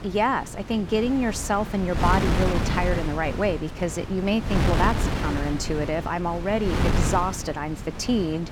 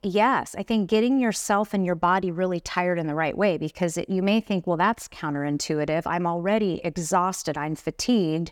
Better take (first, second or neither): second